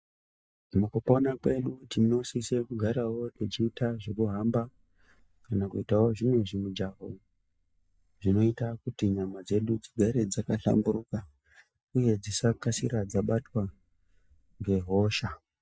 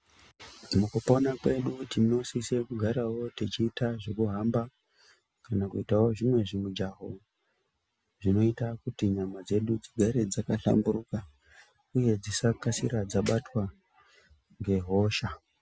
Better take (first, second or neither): second